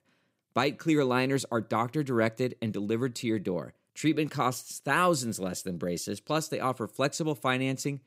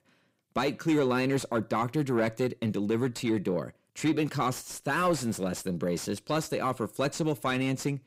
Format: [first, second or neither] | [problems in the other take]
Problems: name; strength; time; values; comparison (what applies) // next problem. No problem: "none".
first | distortion; slight; 10 dB below the speech